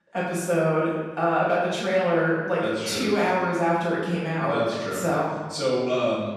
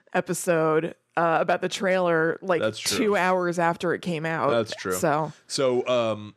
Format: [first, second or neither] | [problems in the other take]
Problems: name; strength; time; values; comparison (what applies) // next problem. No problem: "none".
second | off-mic speech; far // room echo; strong; dies away in 1.2 s